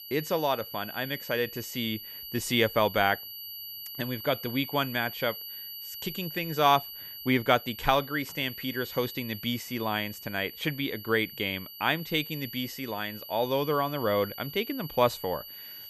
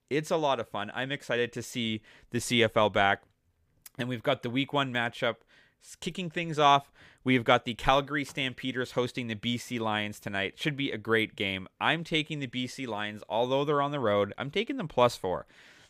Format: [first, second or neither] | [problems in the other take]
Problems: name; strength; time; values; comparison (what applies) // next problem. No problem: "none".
second | high-pitched whine; noticeable; throughout; 12 kHz, 10 dB below the speech